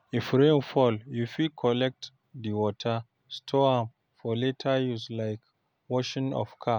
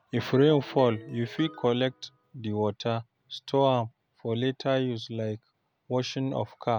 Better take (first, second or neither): first